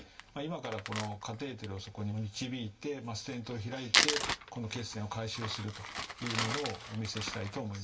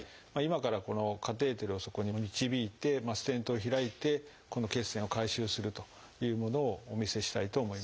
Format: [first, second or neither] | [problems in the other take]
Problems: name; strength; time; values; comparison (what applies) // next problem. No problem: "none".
second | background sound (Crumpling, crinkling); as loud as the speech // room echo; dies away in 0.2 s